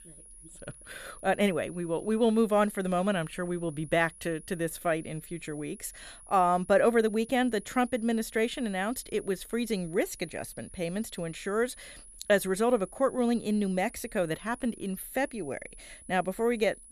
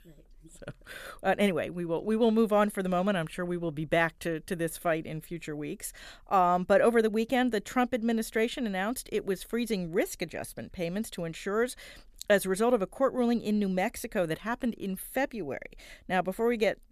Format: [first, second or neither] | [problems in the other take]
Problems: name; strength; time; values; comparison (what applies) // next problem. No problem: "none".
second | high-pitched whine; noticeable; throughout; 10.5 kHz, 20 dB below the speech